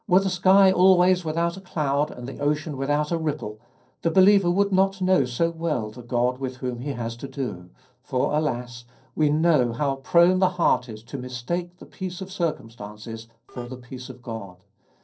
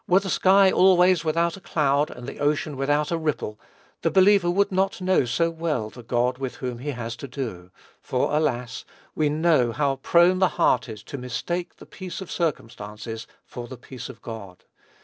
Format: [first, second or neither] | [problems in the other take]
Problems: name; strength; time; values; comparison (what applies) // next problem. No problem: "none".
second | noise reduction (neural separator model SepFormer DNS4)